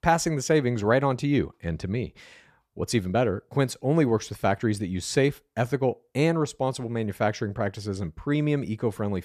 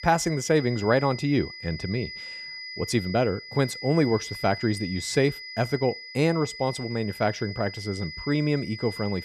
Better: first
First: none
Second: high-pitched whine; noticeable; throughout; 2 kHz, 10 dB below the speech

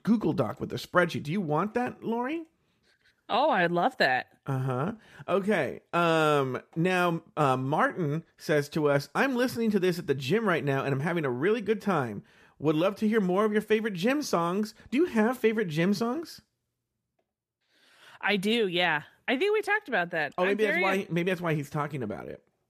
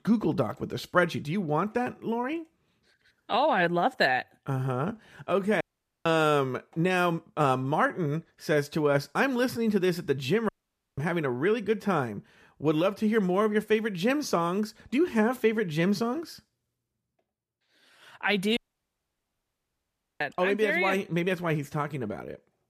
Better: first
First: none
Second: audio cutting out; at 5.5 s, at 10 s and at 19 s for 1.5 s

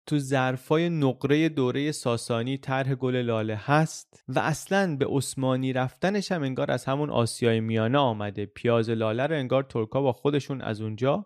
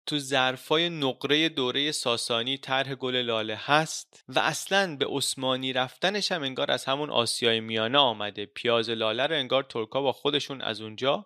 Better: first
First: none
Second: thin; somewhat; fading below 600 Hz

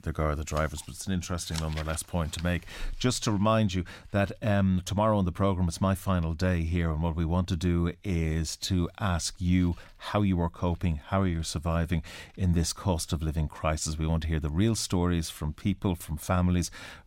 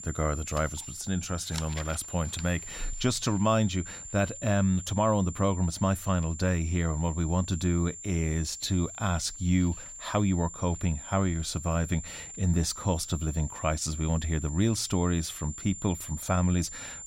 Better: first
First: none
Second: high-pitched whine; noticeable; throughout; 7 kHz, 10 dB below the speech

